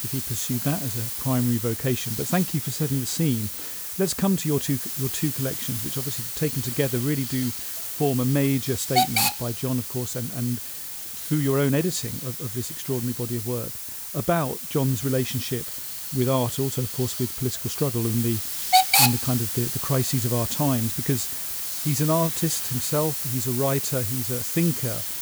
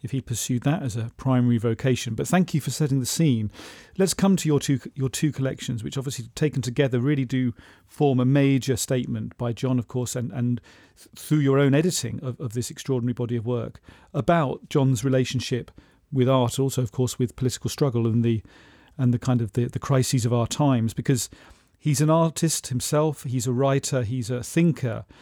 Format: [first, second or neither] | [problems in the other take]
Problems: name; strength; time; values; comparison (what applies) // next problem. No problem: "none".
second | hiss; loud; throughout; as loud as the speech